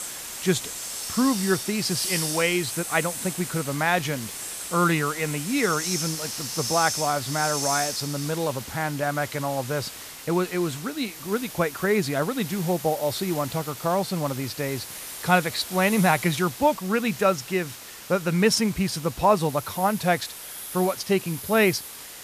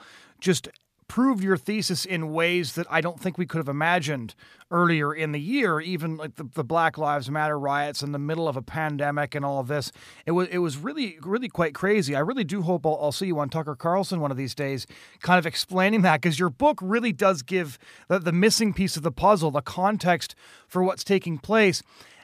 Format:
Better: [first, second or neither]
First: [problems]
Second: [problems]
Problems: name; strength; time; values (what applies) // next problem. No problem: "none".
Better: second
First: hiss; loud; throughout; 7 dB below the speech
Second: none